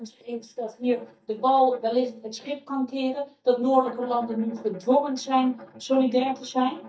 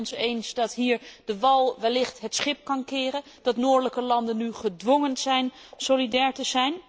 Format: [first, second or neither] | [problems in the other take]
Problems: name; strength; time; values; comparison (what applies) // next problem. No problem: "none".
second | noise reduction (neural mask model DeepFilterNet 3)